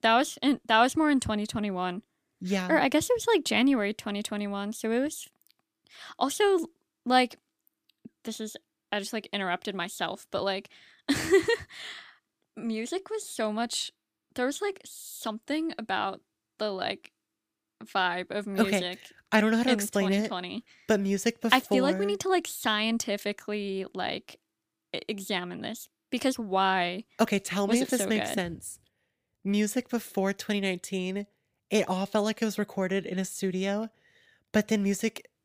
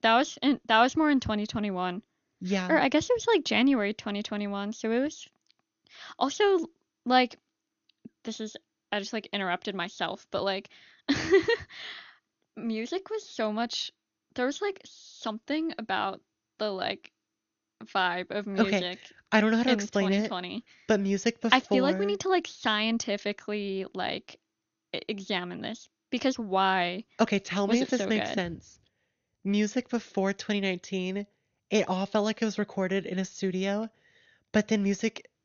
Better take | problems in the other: first | garbled, watery; slightly; nothing above 6.5 kHz

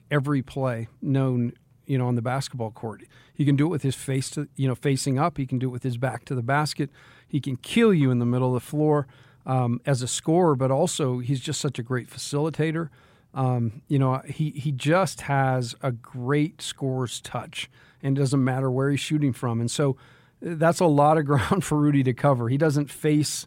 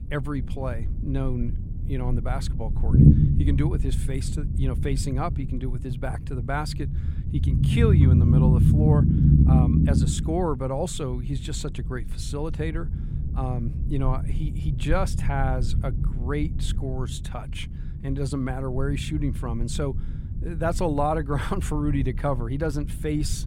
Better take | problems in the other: first | low rumble; loud; throughout; 3 dB below the speech

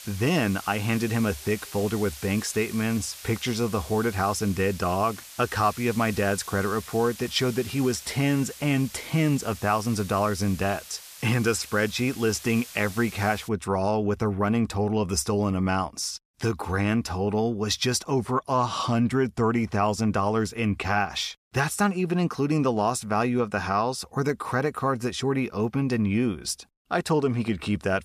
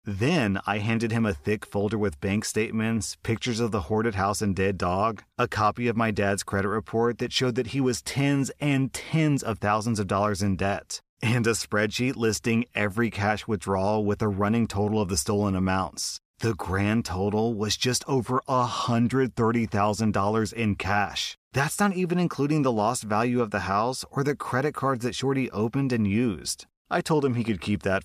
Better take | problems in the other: second | hiss; noticeable; until 13 s; 15 dB below the speech

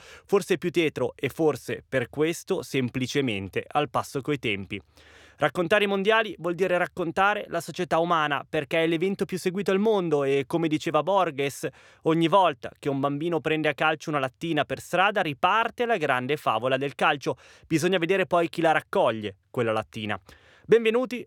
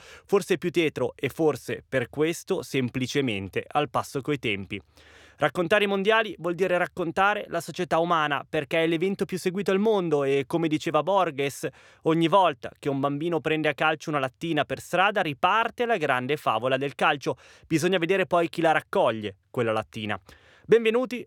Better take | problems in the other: neither | none

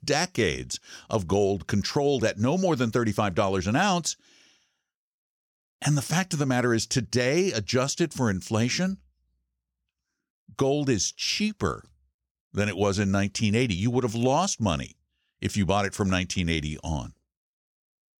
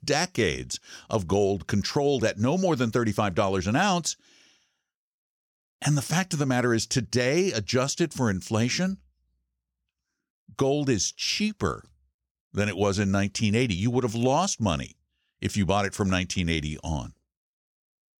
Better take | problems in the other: neither | none

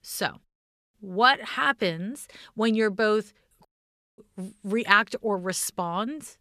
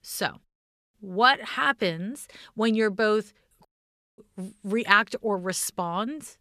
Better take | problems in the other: neither | audio cutting out; at 3.5 s for 0.5 s; the same in both

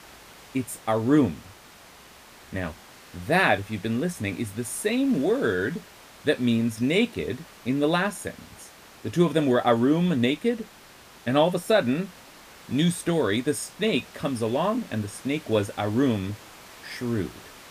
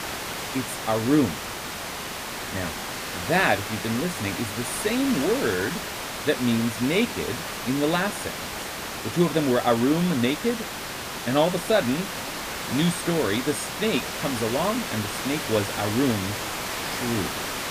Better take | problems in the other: first | hiss; loud; throughout; 5 dB below the speech; faint in the first

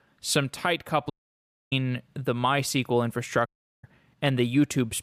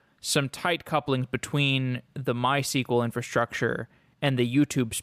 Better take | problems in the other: second | audio cutting out; at 1 s for 0.5 s and at 3.5 s

